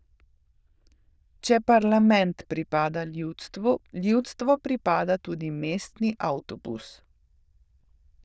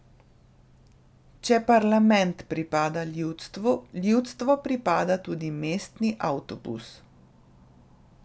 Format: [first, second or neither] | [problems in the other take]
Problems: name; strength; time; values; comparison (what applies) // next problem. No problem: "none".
second | noise reduction (neural diffusion model UNIVERSE++)